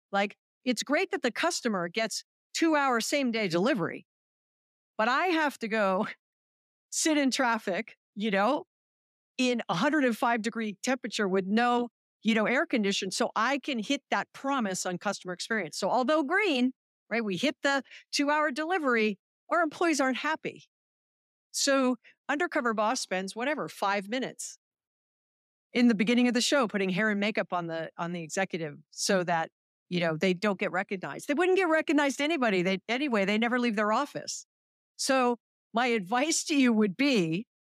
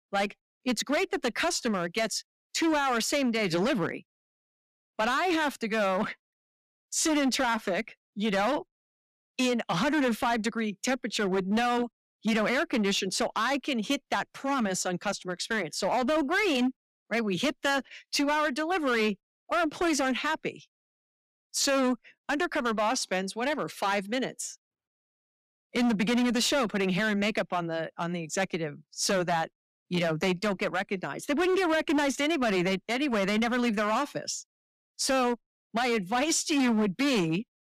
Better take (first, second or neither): first